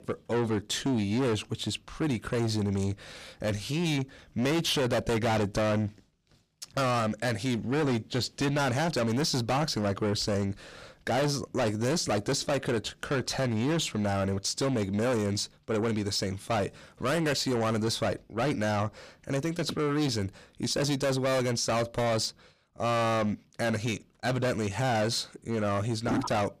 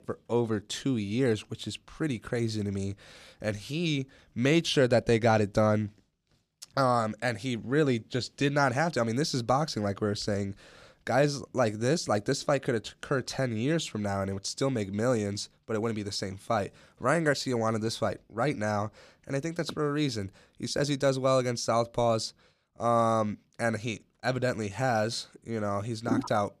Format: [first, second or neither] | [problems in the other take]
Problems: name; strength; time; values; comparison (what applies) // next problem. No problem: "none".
second | distortion; heavy; 6 dB below the speech